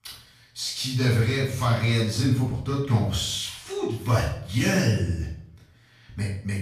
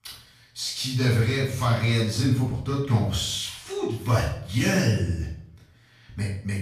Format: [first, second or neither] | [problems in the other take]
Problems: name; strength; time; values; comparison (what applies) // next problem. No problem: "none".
neither | off-mic speech; far; the same in both // room echo; noticeable; dies away in 0.5 s; the same in both